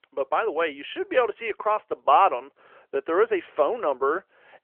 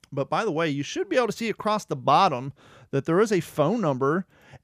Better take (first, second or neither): second